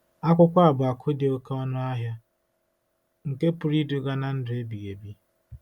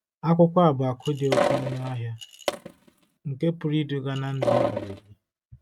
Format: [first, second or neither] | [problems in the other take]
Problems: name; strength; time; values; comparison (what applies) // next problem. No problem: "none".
first | noise reduction (neural mask model RNNoise)